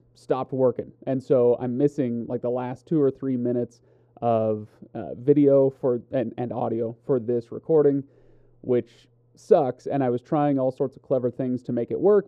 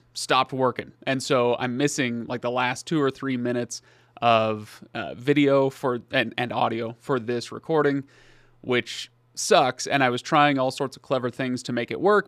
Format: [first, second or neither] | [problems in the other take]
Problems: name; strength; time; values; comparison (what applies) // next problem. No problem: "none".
second | muffled; very; fading above 1 kHz